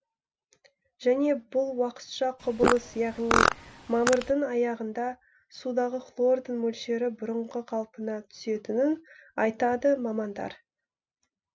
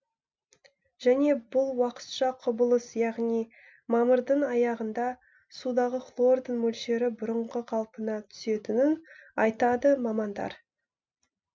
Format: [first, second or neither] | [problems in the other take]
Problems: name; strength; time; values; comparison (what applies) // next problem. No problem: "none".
second | background sound (Fart); 1 dB above the speech